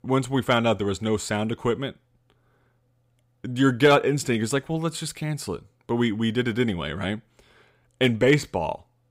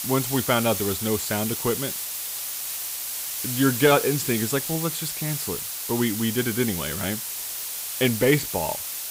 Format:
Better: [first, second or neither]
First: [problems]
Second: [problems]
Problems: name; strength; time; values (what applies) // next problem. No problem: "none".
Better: first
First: none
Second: hiss; loud; throughout; 3 dB below the speech